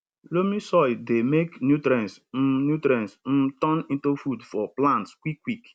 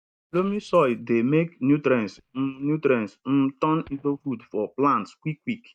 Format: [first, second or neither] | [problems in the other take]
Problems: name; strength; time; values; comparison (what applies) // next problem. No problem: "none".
first | noise reduction (neural mask model DeepFilterNet 3)